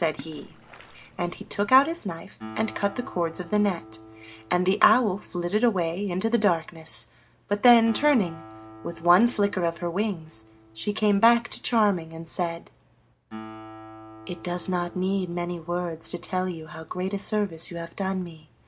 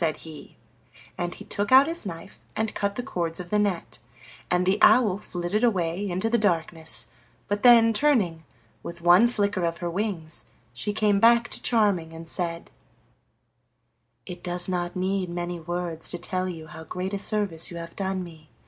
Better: second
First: background sound (Acoustic guitar + Splash, splatter); 20 dB below the speech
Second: none

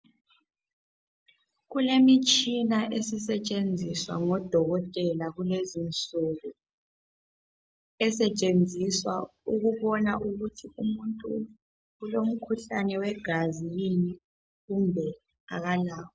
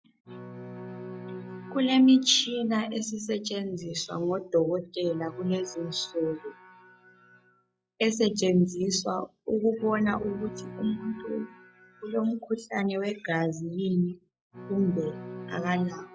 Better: first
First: none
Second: noise reduction (classical method log-MMSE)

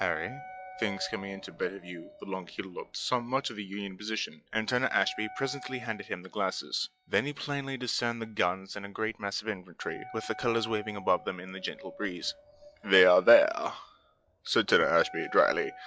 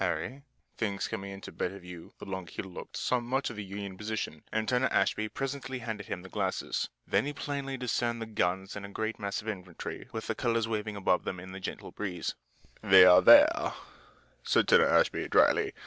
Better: second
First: noise reduction (classical method log-MMSE)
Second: none

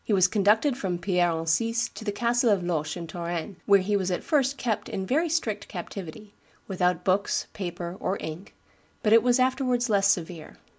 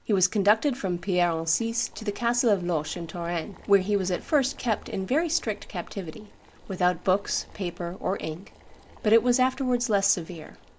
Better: first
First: none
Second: background sound (Boiling); 20 dB below the speech

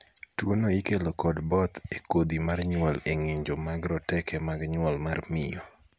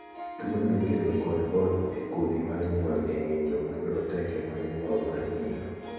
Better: first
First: none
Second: background sound (Harp); 15 dB below the speech // room echo; dies away in 2.2 s

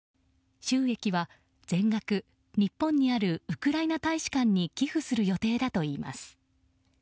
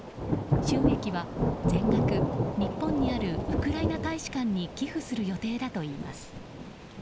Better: first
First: none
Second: background sound (Thunder / Rain); 3 dB above the speech

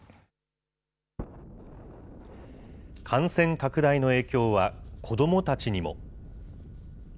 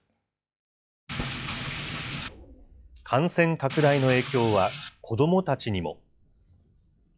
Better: first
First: none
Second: noise reduction (classical method log-MMSE)

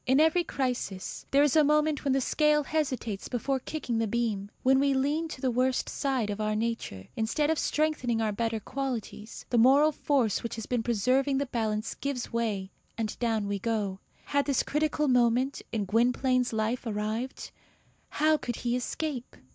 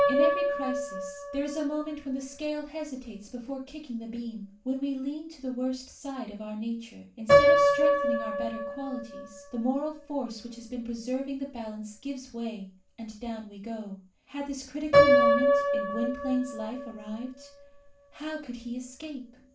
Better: first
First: none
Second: background sound (Piano); 5 dB above the speech // room echo; dies away in 0.3 s

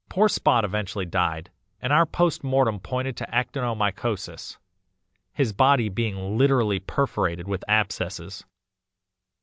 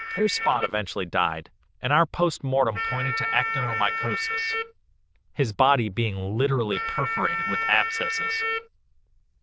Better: first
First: none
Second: noise reduction (neural diffusion model UNIVERSE++)

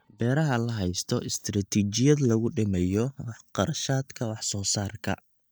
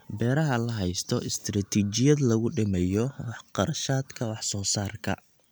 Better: second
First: noise reduction (neural mask model DeepFilterNet 3)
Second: none

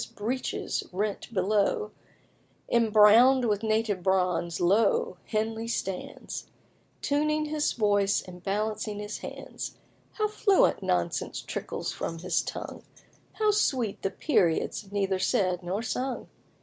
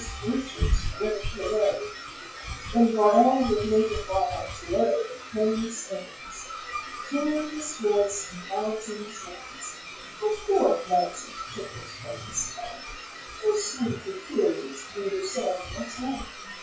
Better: first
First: none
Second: noise reduction (classical method WPE with log-MMSE)

